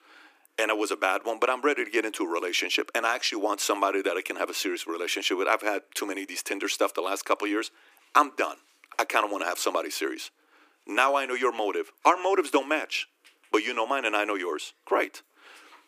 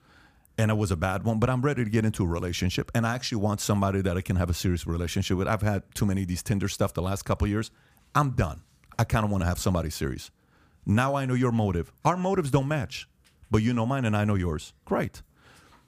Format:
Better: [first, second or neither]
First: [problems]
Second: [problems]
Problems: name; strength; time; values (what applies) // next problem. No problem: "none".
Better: second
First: thin; very; fading below 300 Hz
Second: none